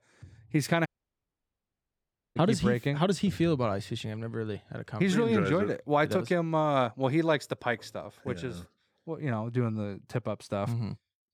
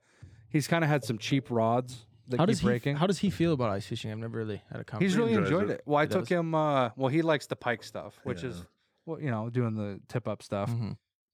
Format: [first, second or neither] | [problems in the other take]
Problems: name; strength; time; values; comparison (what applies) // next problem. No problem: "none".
second | audio cutting out; at 1 s for 1.5 s